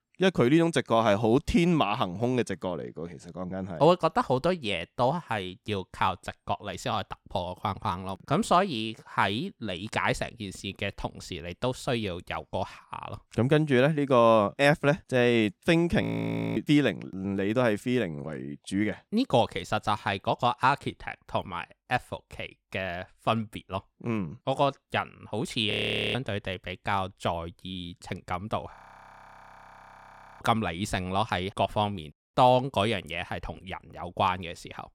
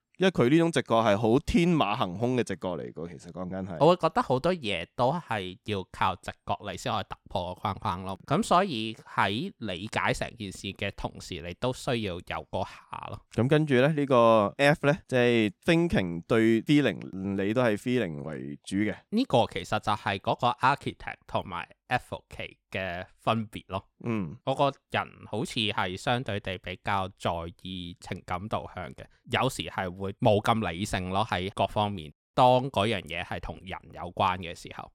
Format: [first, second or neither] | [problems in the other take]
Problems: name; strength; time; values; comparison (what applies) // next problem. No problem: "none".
second | audio freezing; at 16 s for 0.5 s, at 26 s and at 29 s for 1.5 s